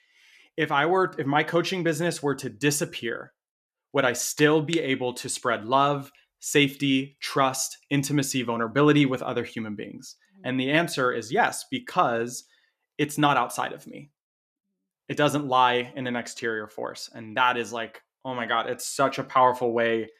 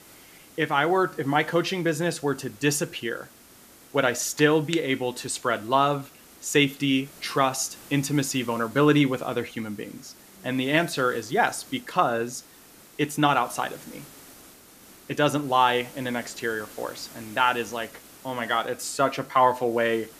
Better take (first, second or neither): first